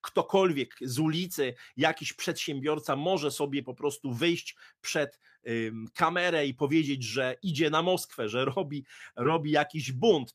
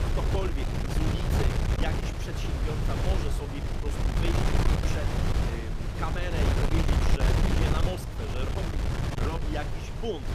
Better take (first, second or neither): first